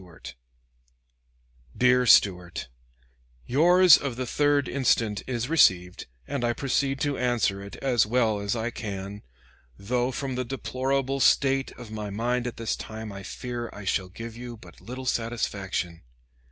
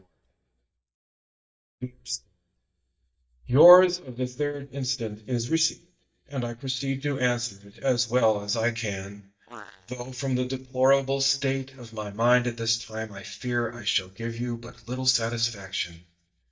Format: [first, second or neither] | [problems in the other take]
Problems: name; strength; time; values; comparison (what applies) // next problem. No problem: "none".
first | noise reduction (neural mask model DeepFilterNet 3)